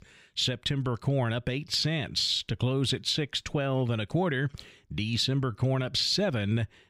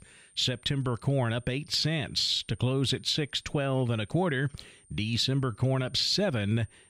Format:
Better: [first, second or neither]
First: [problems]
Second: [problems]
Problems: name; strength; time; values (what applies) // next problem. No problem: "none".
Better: first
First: none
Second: high-pitched whine; faint; throughout; 9 kHz, 30 dB below the speech